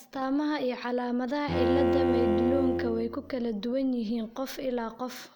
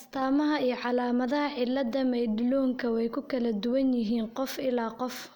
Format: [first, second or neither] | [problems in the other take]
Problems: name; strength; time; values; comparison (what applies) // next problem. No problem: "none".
second | background sound (Bowed string instrument); 1 dB above the speech